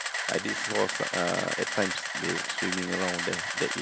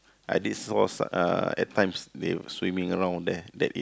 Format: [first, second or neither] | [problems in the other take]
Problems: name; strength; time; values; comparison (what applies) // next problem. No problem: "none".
second | background sound (Camera); as loud as the speech